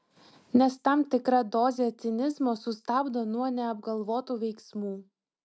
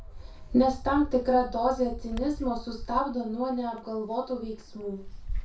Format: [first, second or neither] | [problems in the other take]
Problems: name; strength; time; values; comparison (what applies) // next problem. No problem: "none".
first | background sound (Bird); 10 dB below the speech // room echo; dies away in 0.3 s